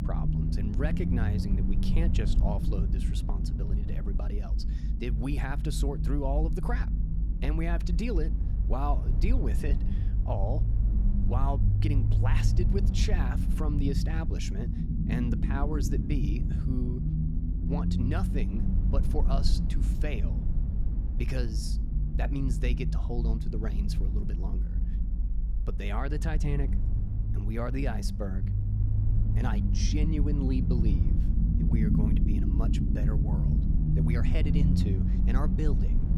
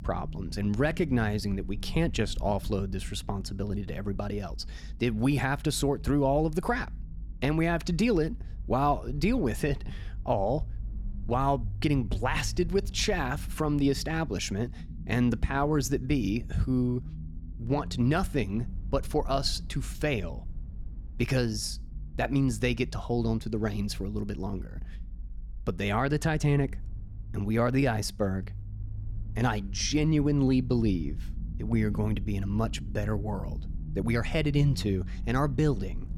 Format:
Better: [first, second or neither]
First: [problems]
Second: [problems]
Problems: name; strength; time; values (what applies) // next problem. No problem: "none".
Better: second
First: low rumble; loud; throughout; 3 dB below the speech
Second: low rumble; faint; throughout; 20 dB below the speech